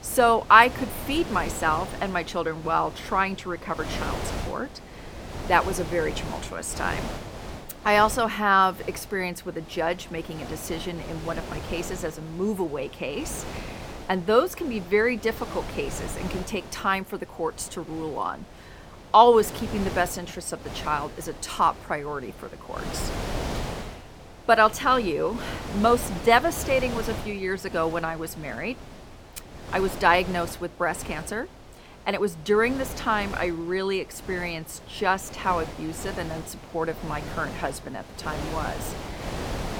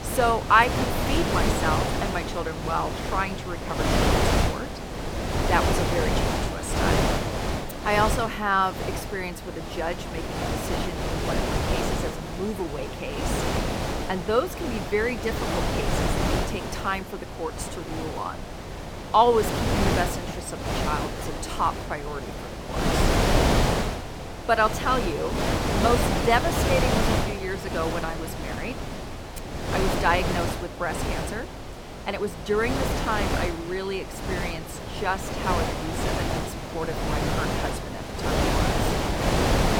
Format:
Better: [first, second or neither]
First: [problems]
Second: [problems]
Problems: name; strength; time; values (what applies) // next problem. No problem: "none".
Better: first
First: wind noise on the microphone; occasional gusts; 15 dB below the speech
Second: wind noise on the microphone; heavy; 2 dB below the speech